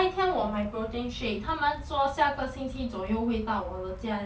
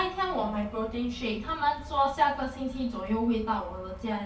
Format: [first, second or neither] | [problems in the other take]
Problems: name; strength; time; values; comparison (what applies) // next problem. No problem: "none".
first | room echo; dies away in 2.6 s